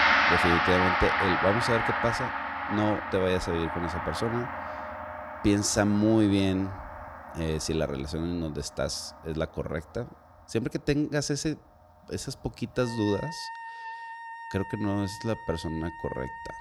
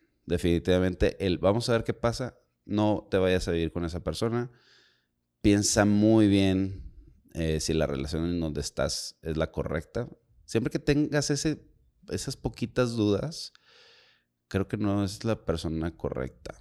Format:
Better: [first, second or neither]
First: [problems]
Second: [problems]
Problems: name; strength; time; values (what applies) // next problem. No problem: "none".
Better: second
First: background music; loud; throughout; 1 dB below the speech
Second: none